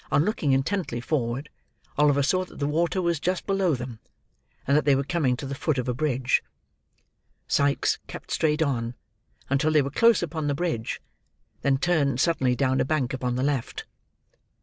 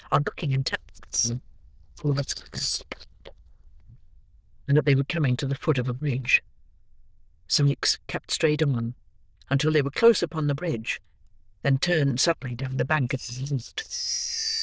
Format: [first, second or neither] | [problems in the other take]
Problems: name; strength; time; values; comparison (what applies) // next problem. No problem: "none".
first | noise reduction (neural diffusion model UNIVERSE++)